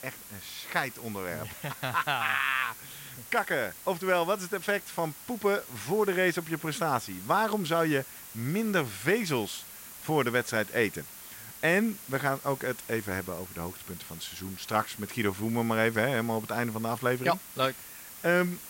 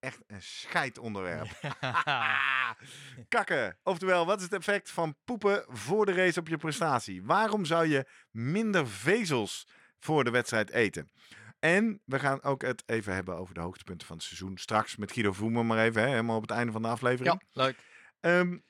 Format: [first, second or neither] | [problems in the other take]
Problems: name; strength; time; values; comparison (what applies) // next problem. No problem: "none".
second | hiss; noticeable; throughout; 15 dB below the speech